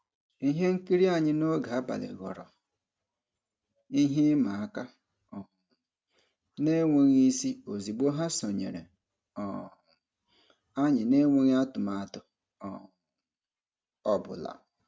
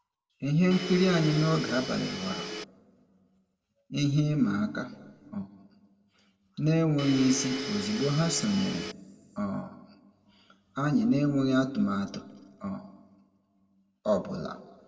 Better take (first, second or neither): first